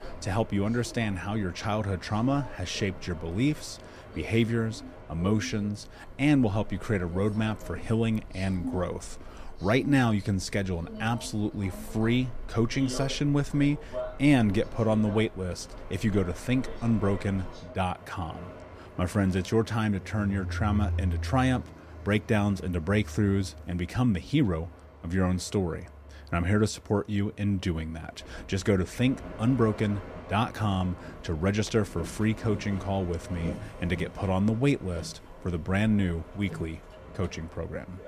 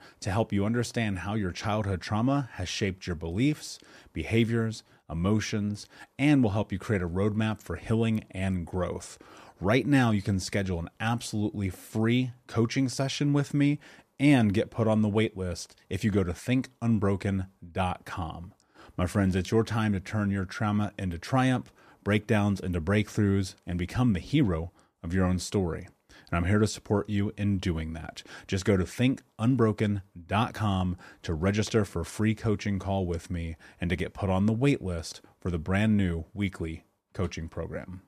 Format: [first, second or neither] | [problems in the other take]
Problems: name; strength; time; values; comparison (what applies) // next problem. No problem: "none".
second | train or aircraft noise; noticeable; throughout; 15 dB below the speech